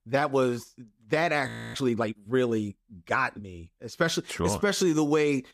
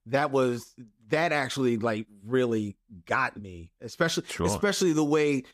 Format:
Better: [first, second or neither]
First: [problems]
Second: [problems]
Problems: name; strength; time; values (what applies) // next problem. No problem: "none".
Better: second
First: audio freezing; at 1.5 s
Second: none